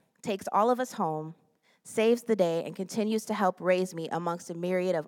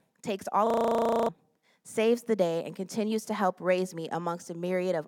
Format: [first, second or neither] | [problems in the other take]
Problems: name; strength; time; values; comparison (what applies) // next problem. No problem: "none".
first | audio freezing; at 0.5 s for 0.5 s